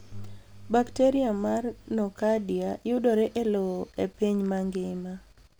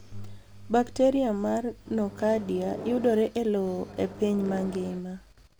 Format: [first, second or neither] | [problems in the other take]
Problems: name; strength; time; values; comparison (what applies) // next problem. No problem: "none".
first | background sound (Microwave oven); 13 dB below the speech